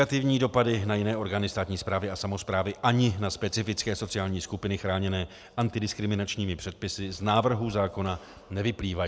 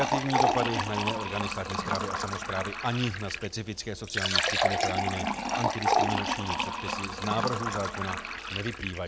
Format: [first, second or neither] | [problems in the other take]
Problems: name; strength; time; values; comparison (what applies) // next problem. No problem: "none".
first | background sound (Fill (with liquid)); 3 dB above the speech